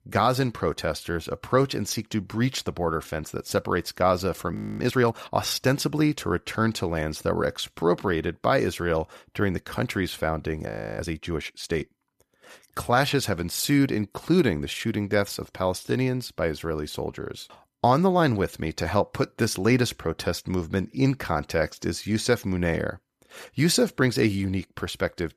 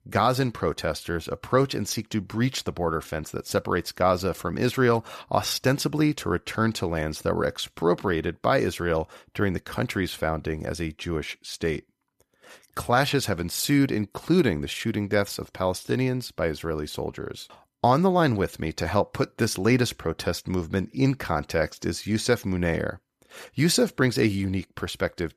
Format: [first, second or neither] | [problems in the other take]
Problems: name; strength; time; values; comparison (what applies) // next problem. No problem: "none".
second | audio freezing; at 4.5 s and at 11 s